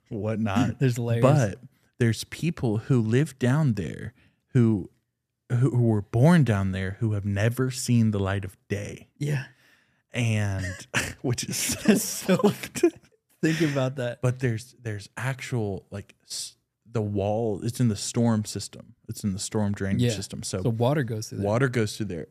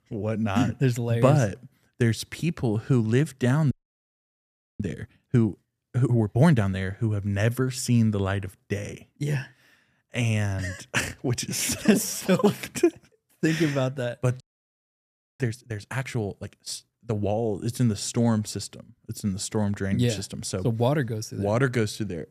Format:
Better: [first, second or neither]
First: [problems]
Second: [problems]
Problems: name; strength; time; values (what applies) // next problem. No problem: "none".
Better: first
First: none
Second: audio freezing; at 3.5 s for 1 s and at 14 s for 1 s